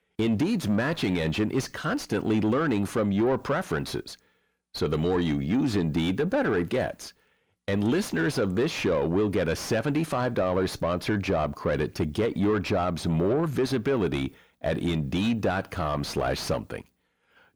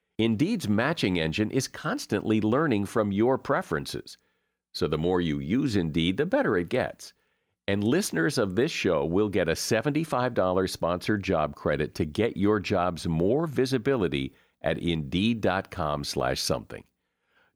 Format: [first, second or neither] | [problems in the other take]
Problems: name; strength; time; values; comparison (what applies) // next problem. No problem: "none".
second | distortion; slight; 10 dB below the speech